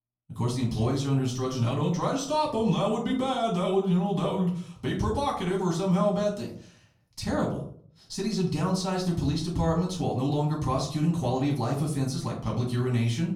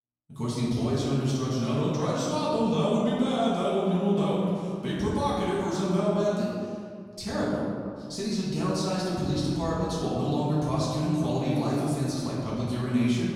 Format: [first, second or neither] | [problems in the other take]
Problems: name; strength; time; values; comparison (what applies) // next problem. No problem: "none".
first | room echo; strong; dies away in 1.9 s; slight in the first // off-mic speech; far; far in the first